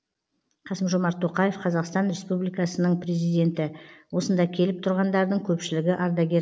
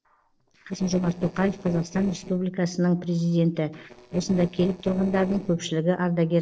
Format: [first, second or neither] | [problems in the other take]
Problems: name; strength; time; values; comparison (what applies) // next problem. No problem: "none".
first | noise reduction (neural separator model SepFormer DNS4)